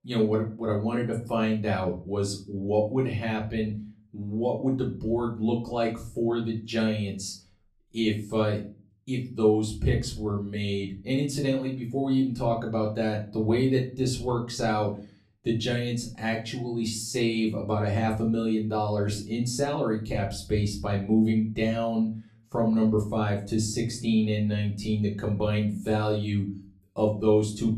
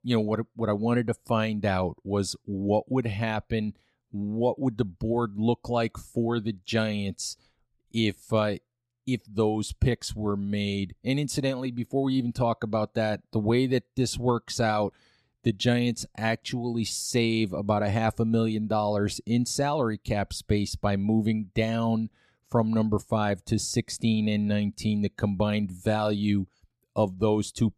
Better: second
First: off-mic speech; far // room echo; slight; dies away in 0.3 s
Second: none

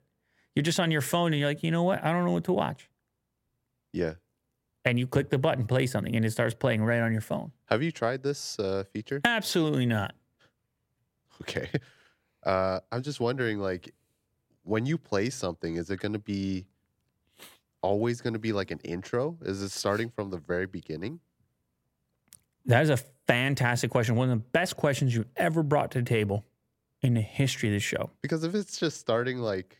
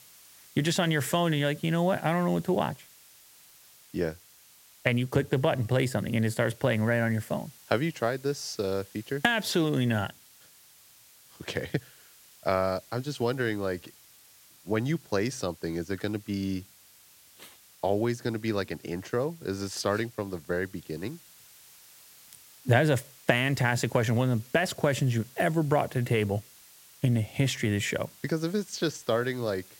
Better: first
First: none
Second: hiss; faint; throughout; 25 dB below the speech

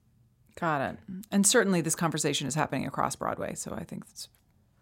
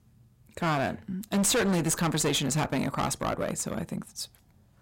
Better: first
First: none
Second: distortion; heavy; 13% of the sound clipped

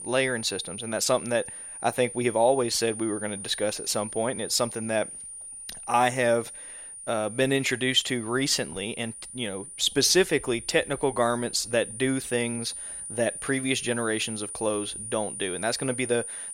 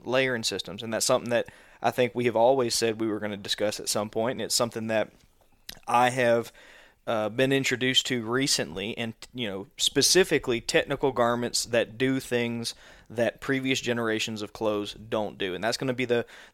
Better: second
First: high-pitched whine; loud; throughout; 9.5 kHz, 10 dB below the speech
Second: none

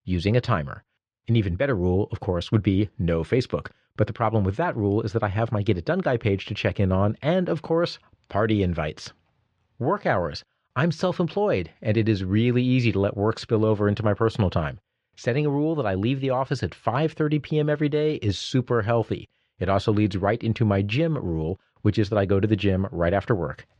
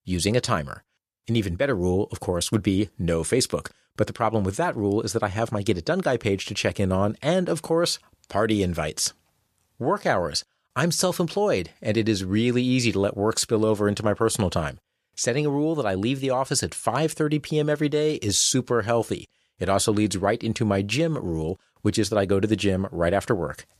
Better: second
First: muffled; slightly; fading above 3.5 kHz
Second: none

